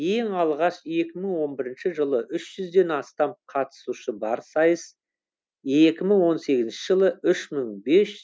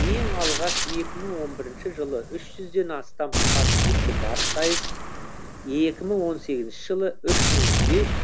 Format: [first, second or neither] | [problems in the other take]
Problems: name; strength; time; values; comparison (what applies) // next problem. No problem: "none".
first | background sound (Gunshot, gunfire); 4 dB above the speech